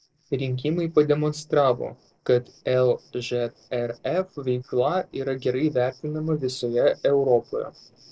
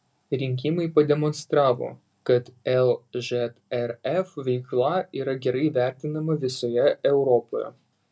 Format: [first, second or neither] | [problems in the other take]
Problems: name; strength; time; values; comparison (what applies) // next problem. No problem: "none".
second | noise reduction (neural separator model SepFormer DNS4)